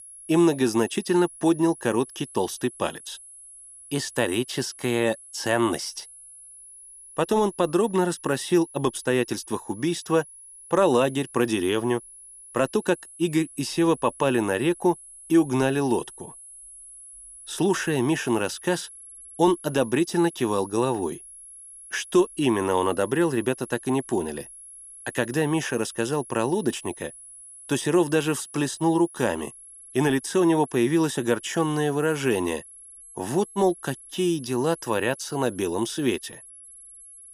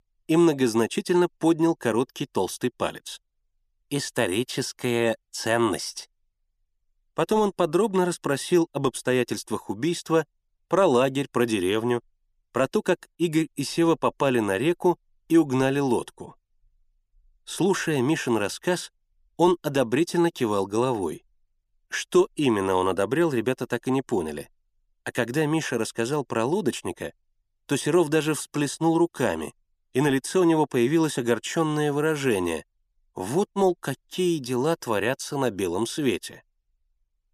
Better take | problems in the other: second | high-pitched whine; noticeable; throughout; 11 kHz, 20 dB below the speech

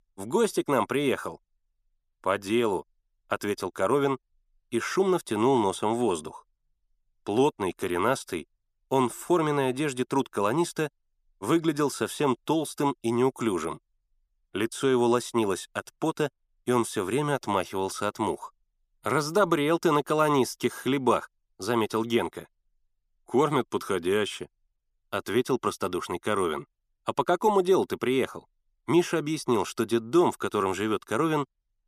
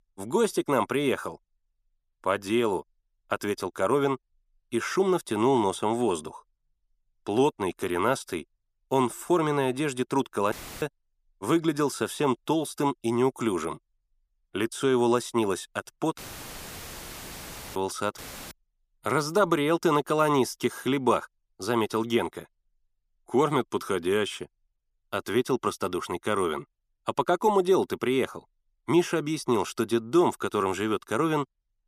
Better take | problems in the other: first | audio cutting out; filled with static; at 11 s, at 16 s for 1.5 s and at 18 s

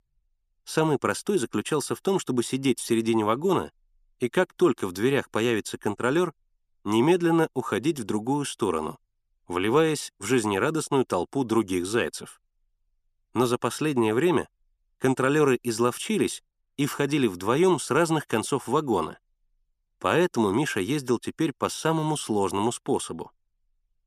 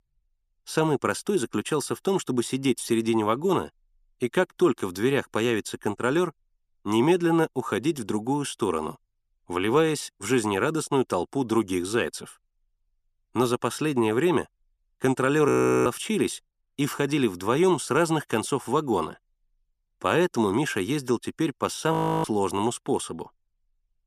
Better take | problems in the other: first | audio freezing; at 15 s and at 22 s

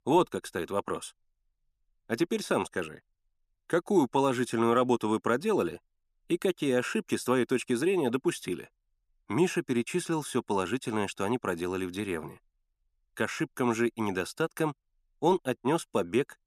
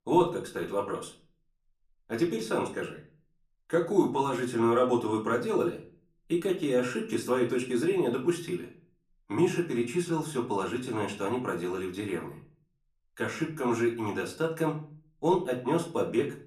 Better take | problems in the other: first | off-mic speech; far // room echo; very slight; dies away in 0.4 s

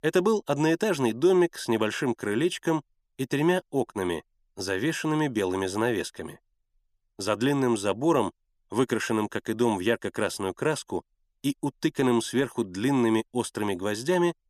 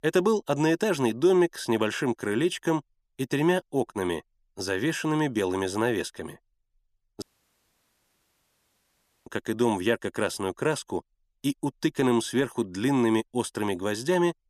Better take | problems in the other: first | audio cutting out; at 7 s for 2 s

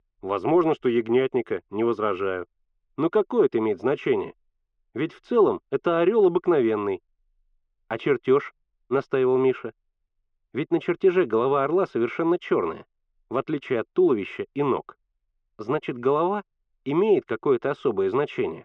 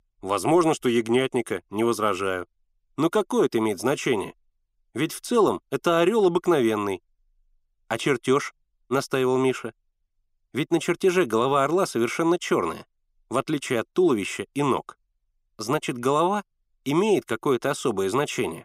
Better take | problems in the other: second | muffled; very; fading above 2.5 kHz

